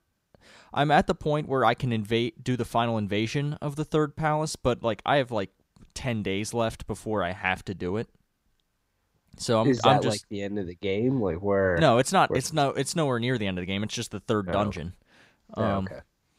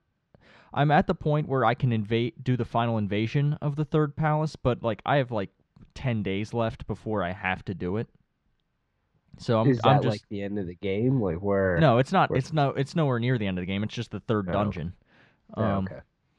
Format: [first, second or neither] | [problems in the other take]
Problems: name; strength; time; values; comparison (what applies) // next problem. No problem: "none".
first | muffled; slightly; fading above 3.5 kHz